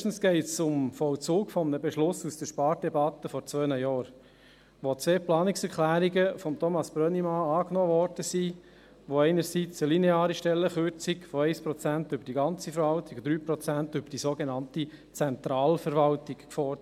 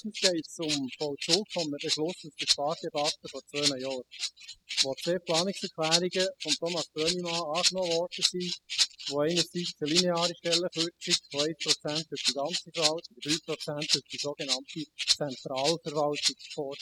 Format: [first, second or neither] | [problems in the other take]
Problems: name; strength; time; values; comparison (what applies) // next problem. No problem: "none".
first | noise reduction (classical method spectral subtraction)